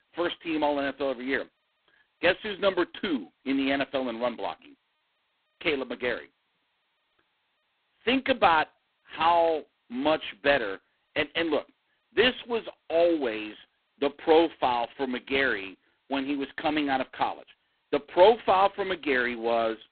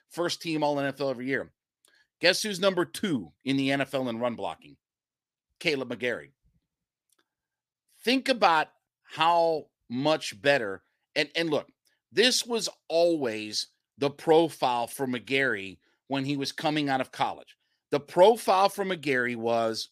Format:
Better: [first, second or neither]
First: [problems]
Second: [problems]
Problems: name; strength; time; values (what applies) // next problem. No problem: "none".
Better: second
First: phone-call audio; poor line; nothing above 4 kHz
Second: none